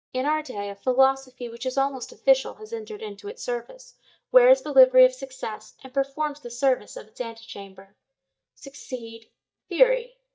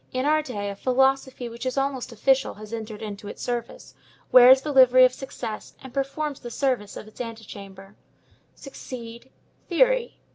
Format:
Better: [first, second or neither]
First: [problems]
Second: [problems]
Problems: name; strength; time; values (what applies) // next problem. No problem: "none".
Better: second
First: noise reduction (neural mask model DeepFilterNet 3)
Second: none